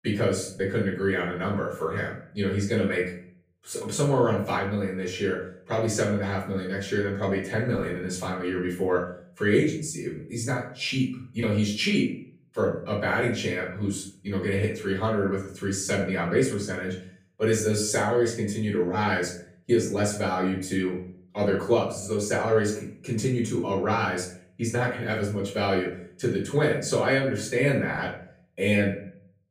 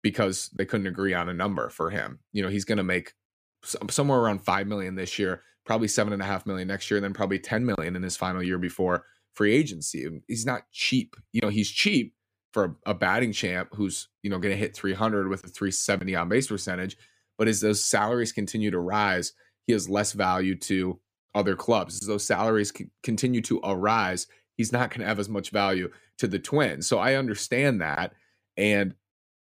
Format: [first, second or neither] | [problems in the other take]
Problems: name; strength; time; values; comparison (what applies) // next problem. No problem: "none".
second | off-mic speech; far // room echo; noticeable; dies away in 0.5 s